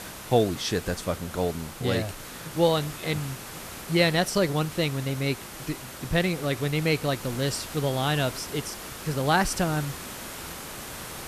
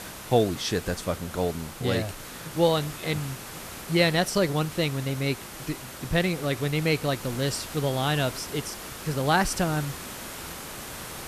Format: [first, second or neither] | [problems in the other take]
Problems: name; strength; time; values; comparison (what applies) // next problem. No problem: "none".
neither | hiss; noticeable; throughout; 10 dB below the speech; the same in both